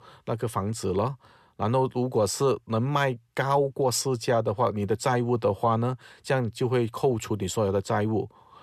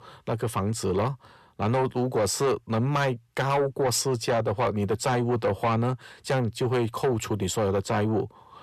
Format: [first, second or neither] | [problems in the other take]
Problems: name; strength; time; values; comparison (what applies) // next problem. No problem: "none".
first | distortion; slight; 10 dB below the speech